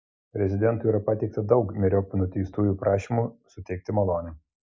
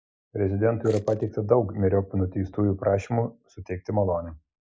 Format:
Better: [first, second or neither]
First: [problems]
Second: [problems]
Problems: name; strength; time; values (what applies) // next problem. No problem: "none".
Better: first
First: none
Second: noise reduction (neural mask model Resemble Enhance denoiser)